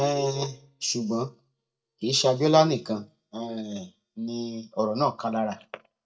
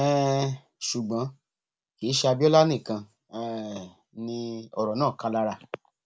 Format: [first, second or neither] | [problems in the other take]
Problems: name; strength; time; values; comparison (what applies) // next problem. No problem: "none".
second | noise reduction (neural mask model DeepFilterNet 3)